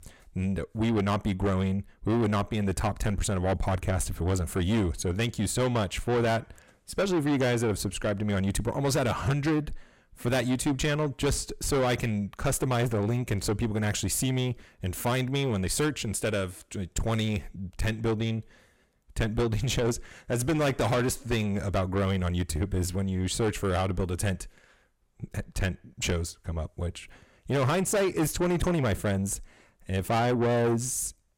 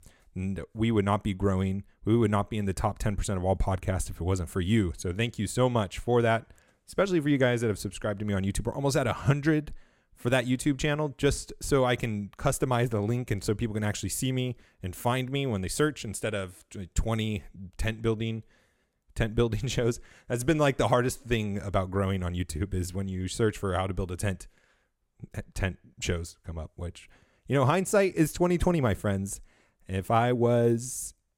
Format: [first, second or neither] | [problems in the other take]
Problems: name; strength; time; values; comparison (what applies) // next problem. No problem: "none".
second | distortion; heavy; 7 dB below the speech